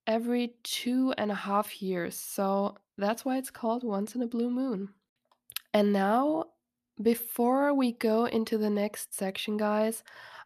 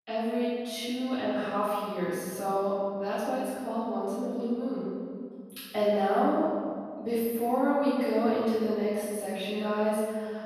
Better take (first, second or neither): first